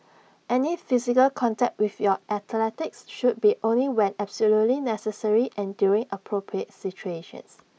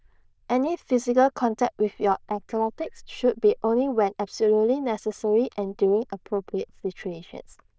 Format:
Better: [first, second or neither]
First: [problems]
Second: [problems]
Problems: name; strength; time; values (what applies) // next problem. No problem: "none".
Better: first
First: none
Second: noise reduction (neural diffusion model UNIVERSE++)